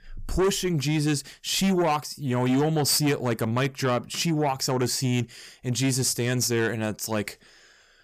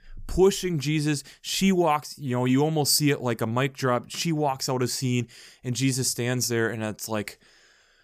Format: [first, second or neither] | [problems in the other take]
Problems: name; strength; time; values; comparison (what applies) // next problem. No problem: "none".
second | distortion; slight; 10 dB below the speech